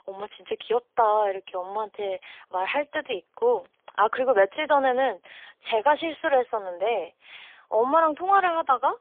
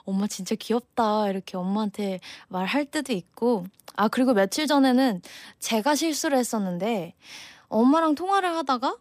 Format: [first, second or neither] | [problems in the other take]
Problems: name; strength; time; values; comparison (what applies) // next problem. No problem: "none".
second | phone-call audio; poor line; nothing above 3.5 kHz